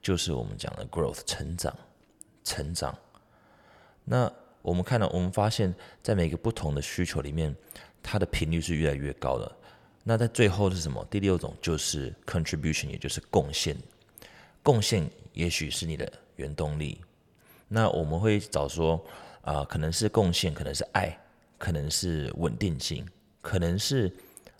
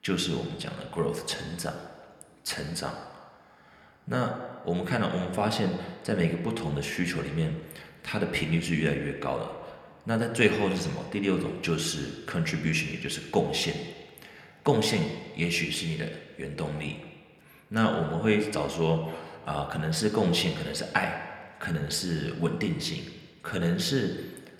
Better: first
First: none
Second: room echo; slight; dies away in 1.5 s

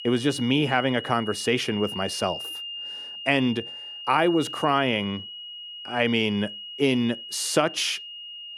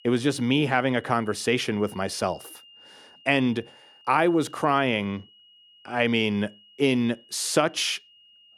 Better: second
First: high-pitched whine; loud; throughout; 3 kHz, 10 dB below the speech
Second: high-pitched whine; faint; throughout; 3 kHz, 25 dB below the speech

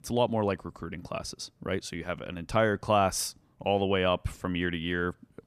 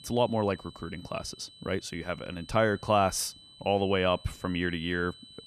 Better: first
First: none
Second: high-pitched whine; faint; throughout; 4 kHz, 20 dB below the speech

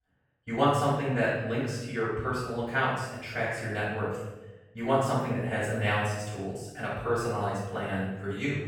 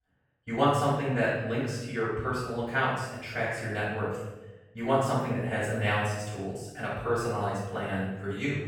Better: neither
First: off-mic speech; far // room echo; strong; dies away in 1 s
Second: off-mic speech; far // room echo; strong; dies away in 1 s

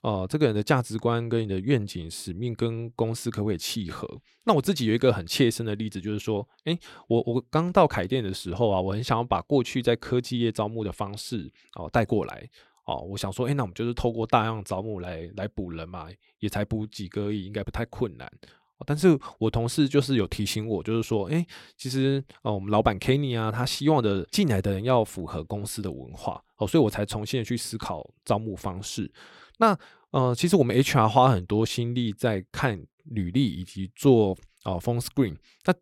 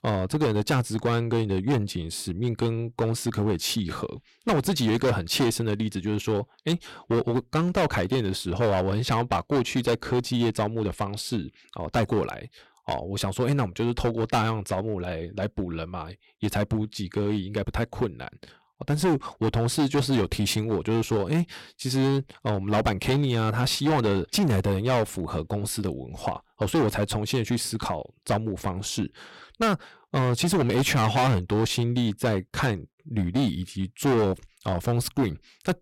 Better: first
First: none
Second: distortion; heavy; 10% of the sound clipped

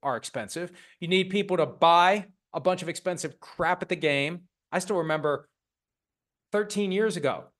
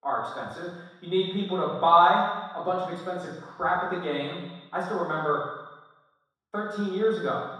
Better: first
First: none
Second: room echo; strong; dies away in 1.2 s // off-mic speech; far

